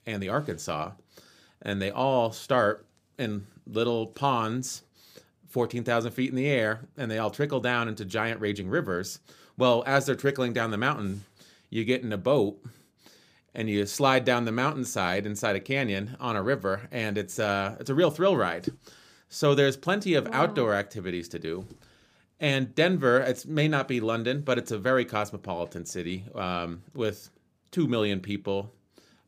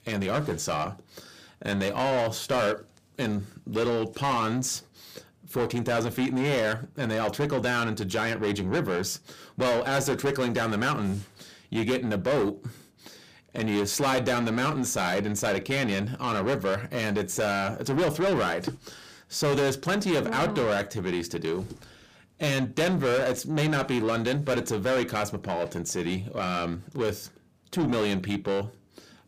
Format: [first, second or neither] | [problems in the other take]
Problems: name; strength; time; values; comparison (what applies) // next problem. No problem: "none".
first | distortion; heavy; 6 dB below the speech